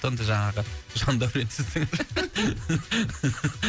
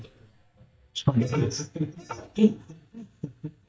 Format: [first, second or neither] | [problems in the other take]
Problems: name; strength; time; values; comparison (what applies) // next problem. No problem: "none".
first | noise reduction (neural mask model DeepFilterNet 3)